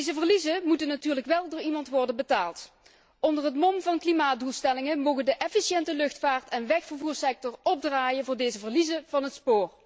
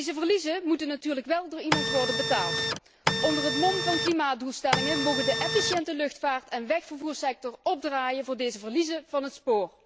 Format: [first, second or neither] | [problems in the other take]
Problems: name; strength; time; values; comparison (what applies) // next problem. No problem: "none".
first | background sound (Printer); as loud as the speech